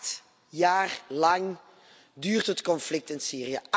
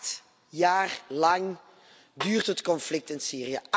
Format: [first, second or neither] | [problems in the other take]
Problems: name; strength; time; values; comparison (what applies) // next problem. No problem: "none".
first | background sound (Snare drum); 13 dB below the speech